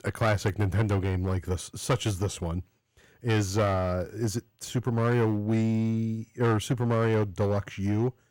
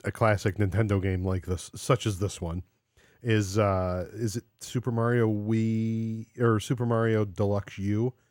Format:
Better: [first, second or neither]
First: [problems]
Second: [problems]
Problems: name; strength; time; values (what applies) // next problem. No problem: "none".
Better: second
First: distortion; slight; 7% of the sound clipped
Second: none